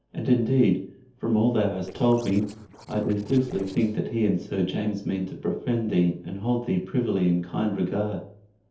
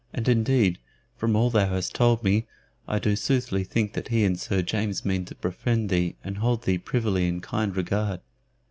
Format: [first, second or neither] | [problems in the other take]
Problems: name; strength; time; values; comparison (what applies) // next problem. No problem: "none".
second | noise reduction (neural separator model SepFormer DNS4)